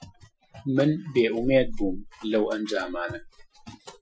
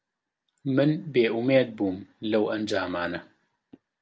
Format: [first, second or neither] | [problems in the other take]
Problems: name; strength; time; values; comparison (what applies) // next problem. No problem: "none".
second | noise reduction (classical method Wiener filter)